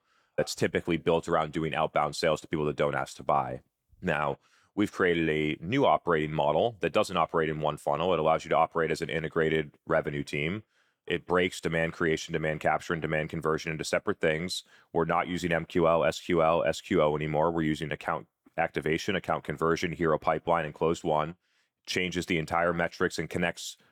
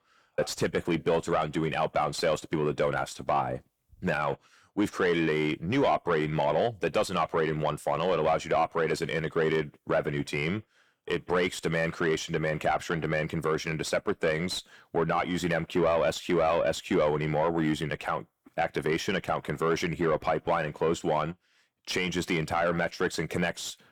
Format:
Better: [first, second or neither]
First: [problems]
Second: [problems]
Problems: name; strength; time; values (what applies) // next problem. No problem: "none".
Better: first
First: none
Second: distortion; slight; 10 dB below the speech